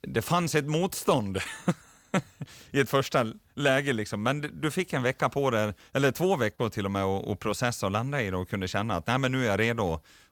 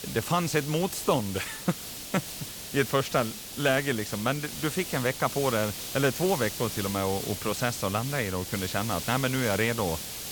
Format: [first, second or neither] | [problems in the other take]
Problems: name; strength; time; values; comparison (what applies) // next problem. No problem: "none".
first | hiss; loud; throughout; 7 dB below the speech